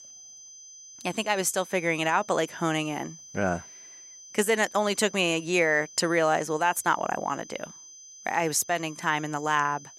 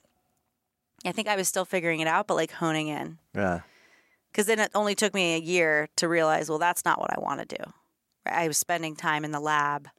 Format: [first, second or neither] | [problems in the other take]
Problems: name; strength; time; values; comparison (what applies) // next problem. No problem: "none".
second | high-pitched whine; noticeable; throughout; 6 kHz, 20 dB below the speech